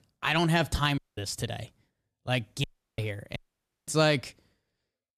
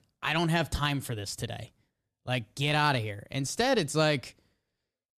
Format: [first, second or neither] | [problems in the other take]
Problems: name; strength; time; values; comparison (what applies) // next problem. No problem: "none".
second | audio cutting out; at 1 s, at 2.5 s and at 3.5 s for 0.5 s